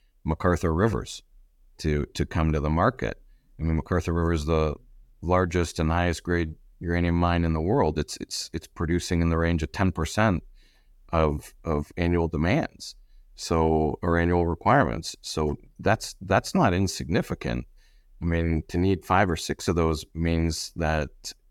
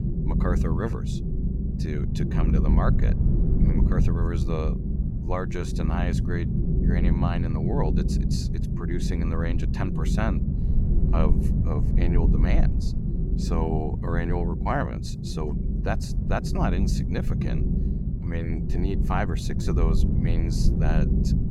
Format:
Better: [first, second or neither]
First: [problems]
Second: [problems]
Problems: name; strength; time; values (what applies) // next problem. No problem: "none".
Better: first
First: none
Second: low rumble; loud; throughout; 3 dB below the speech